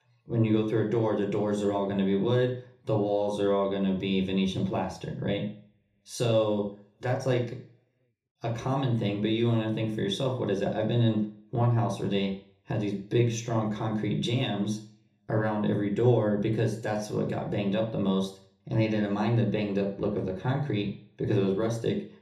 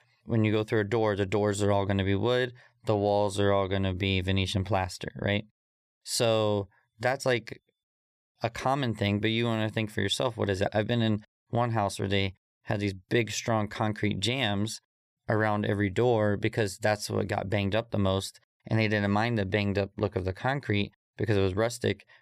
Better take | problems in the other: second | room echo; slight; dies away in 0.5 s // off-mic speech; far

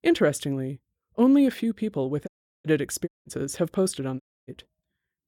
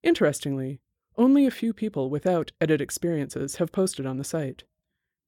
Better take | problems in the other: second | audio cutting out; at 2.5 s, at 3 s and at 4 s

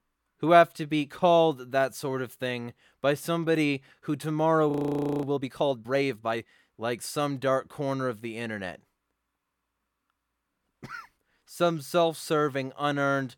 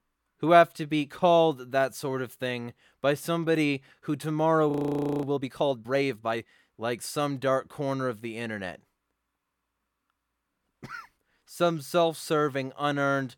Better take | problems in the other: neither | audio freezing; at 4.5 s for 0.5 s; the same in both

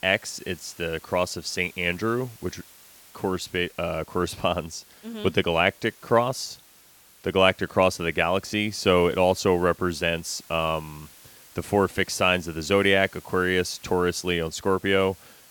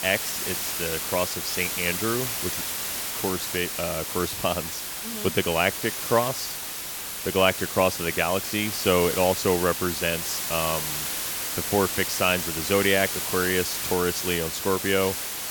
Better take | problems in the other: first | hiss; loud; throughout; 2 dB below the speech; faint in the first

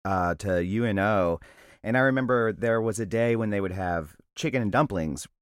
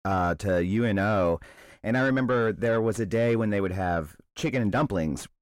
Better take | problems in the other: first | distortion; slight; 10 dB below the speech

